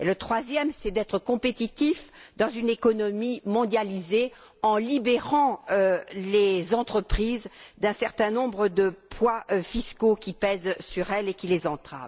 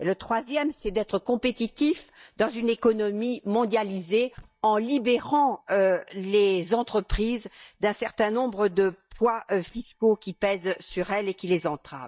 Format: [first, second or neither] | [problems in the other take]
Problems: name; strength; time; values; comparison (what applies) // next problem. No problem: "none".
first | noise reduction (neural mask model DeepFilterNet 3)